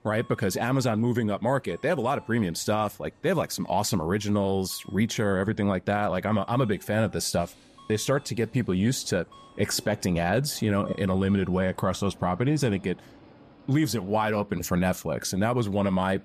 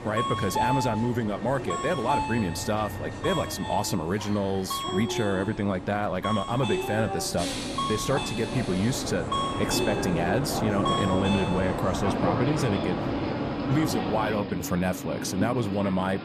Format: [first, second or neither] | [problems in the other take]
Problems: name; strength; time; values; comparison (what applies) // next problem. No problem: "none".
first | train or aircraft noise; loud; throughout; 2 dB below the speech; faint in the first